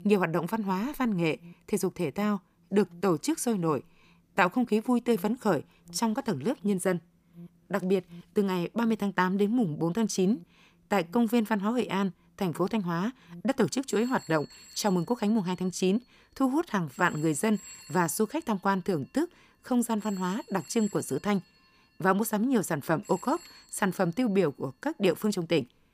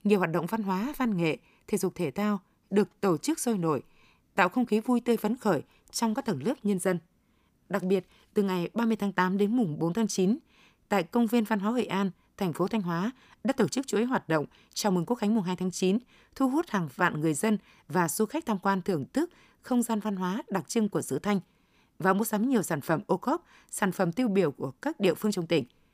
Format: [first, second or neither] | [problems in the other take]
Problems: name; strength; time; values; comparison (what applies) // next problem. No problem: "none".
second | alarms or sirens; faint; throughout; 20 dB below the speech